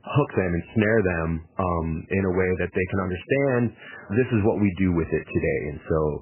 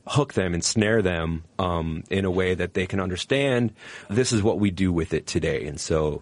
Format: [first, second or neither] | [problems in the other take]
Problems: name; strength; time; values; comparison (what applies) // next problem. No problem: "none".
second | garbled, watery; badly; nothing above 2.5 kHz; slightly in the second